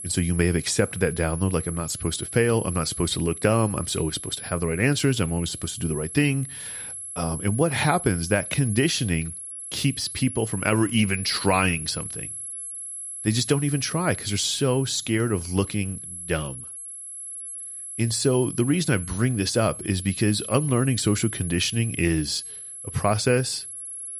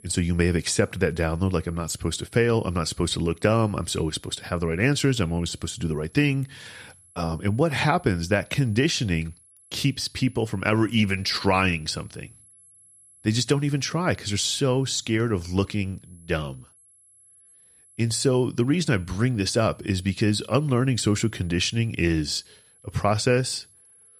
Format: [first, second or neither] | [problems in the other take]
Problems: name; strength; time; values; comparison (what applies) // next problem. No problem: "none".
second | high-pitched whine; loud; throughout; 11 kHz, 9 dB below the speech; faint in the second